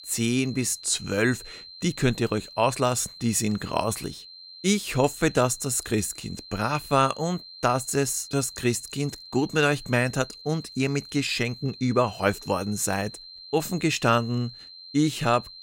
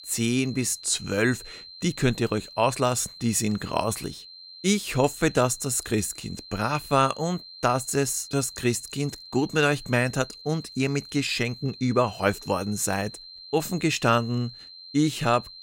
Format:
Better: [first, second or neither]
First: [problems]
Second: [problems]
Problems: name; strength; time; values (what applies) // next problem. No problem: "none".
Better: neither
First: high-pitched whine; noticeable; throughout; 4 kHz, 15 dB below the speech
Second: high-pitched whine; noticeable; throughout; 4 kHz, 15 dB below the speech